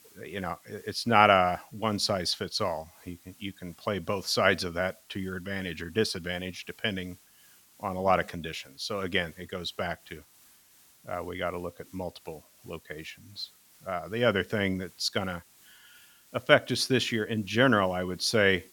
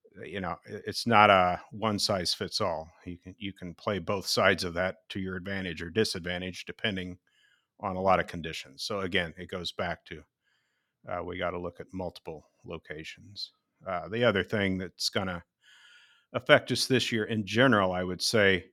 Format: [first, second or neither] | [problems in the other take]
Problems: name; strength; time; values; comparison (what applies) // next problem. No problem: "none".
second | hiss; faint; throughout; 25 dB below the speech